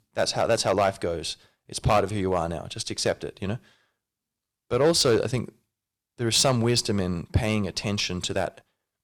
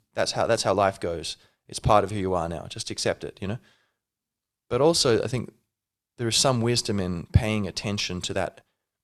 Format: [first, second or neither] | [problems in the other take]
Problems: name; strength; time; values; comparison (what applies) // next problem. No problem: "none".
second | distortion; slight; 1.5% of the sound clipped